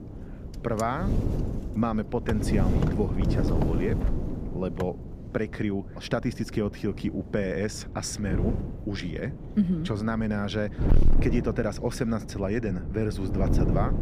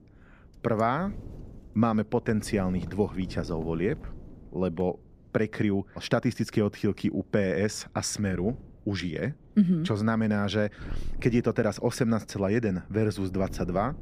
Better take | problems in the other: second | wind noise on the microphone; heavy; 6 dB below the speech; occasional gusts in the second

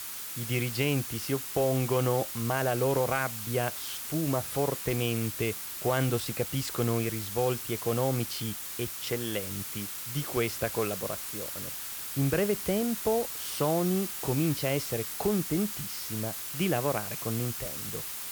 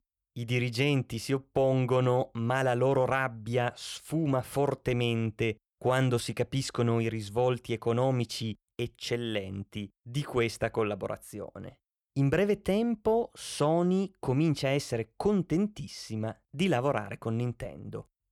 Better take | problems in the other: second | hiss; loud; throughout; 4 dB below the speech

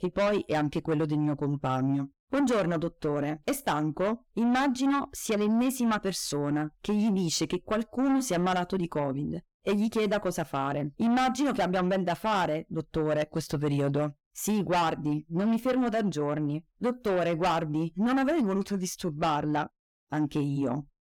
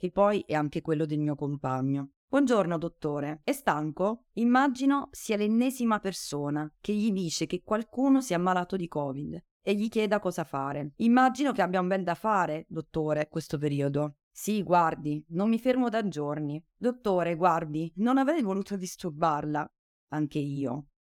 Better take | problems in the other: second | distortion; heavy; 8 dB below the speech

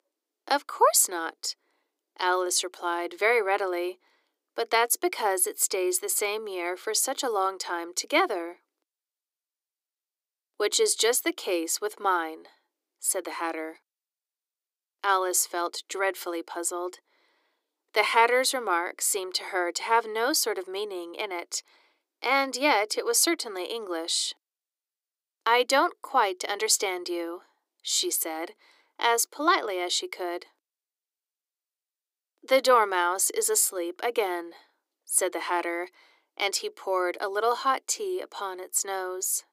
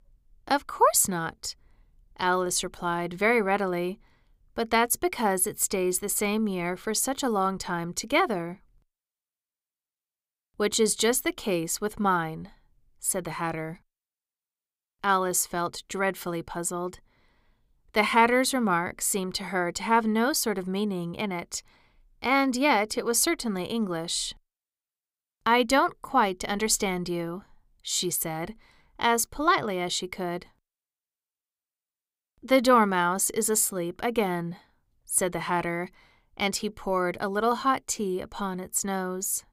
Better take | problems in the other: second | thin; somewhat; fading below 300 Hz

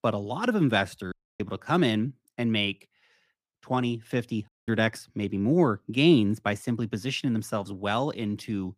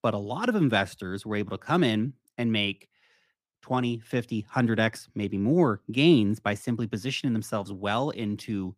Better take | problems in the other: second | audio cutting out; at 1 s and at 4.5 s

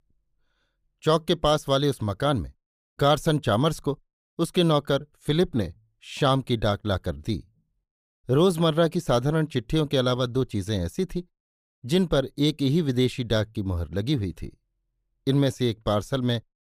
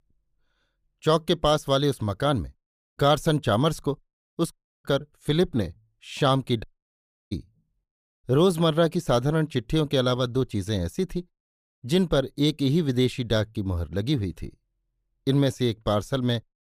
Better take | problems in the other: first | audio cutting out; at 4.5 s and at 6.5 s for 0.5 s

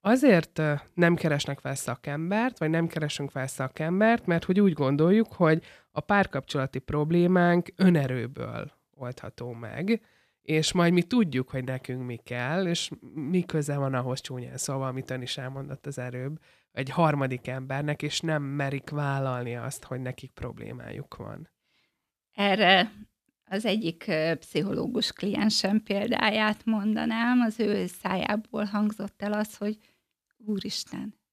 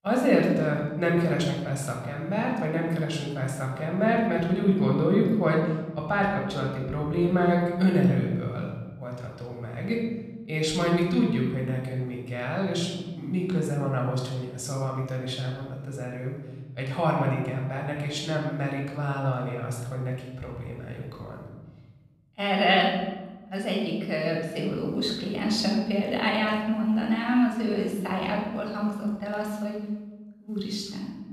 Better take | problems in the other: first | off-mic speech; somewhat distant // room echo; noticeable; dies away in 1.3 s

